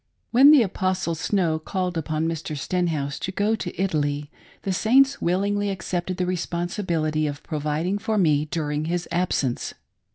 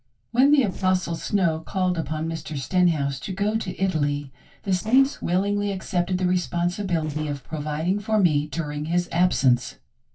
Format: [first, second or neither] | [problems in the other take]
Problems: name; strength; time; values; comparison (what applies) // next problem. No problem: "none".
first | noise reduction (neural separator model SepFormer DNS4)